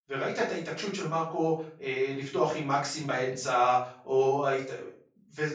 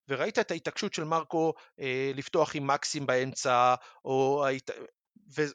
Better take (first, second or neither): second